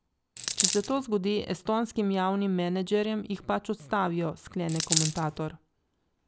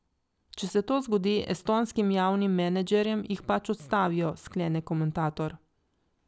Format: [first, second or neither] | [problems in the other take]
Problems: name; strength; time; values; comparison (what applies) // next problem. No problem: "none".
second | background sound (Coin (dropping)); as loud as the speech